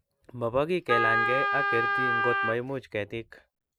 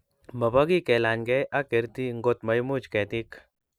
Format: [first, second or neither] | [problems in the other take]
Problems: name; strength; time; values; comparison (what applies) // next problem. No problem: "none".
second | background sound (Wind instrument, woodwind instrument); 4 dB above the speech